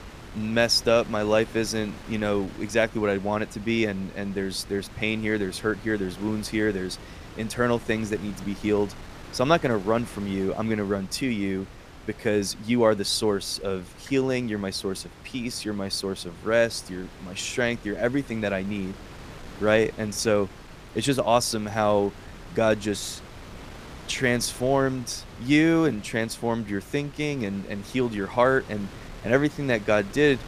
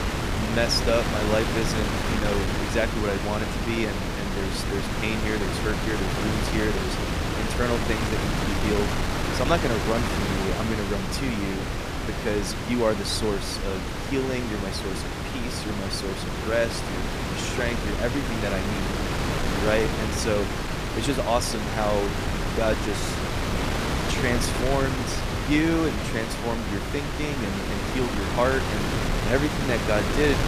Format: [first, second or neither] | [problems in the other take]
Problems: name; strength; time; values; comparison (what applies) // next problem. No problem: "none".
first | wind noise on the microphone; heavy; 1 dB below the speech; occasional gusts in the first